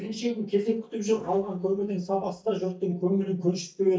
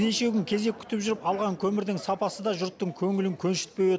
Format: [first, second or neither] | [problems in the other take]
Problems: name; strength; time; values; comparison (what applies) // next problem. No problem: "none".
second | noise reduction (neural mask model DeepFilterNet 3)